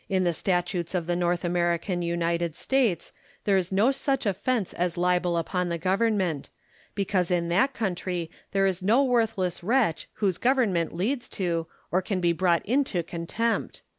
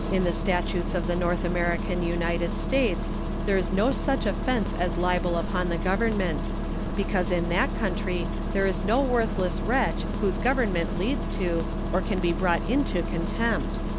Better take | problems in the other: first | background sound (Engine starting); as loud as the speech

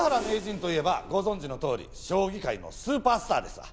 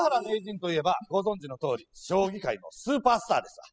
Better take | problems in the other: first | noise reduction (classical method spectral subtraction)

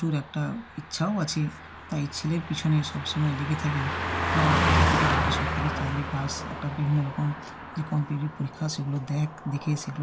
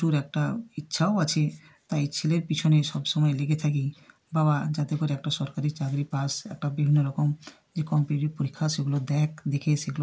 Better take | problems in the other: second | background sound (Car passing by); 1 dB below the speech

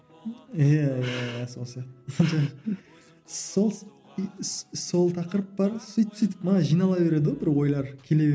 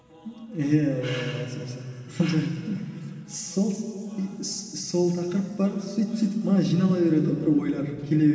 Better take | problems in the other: first | room echo; dies away in 2.7 s

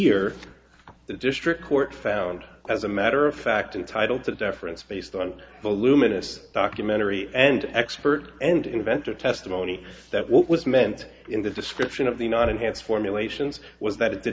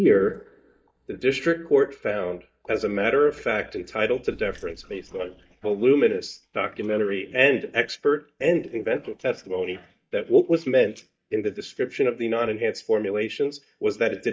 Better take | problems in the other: first | noise reduction (neural mask model DeepFilterNet 3)

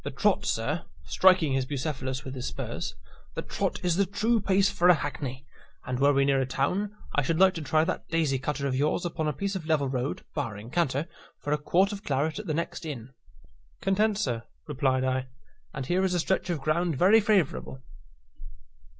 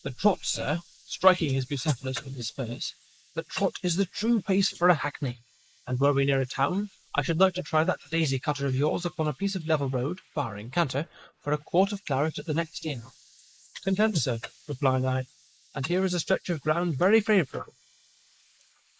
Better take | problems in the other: first | noise reduction (neural mask model Resemble Enhance denoiser)

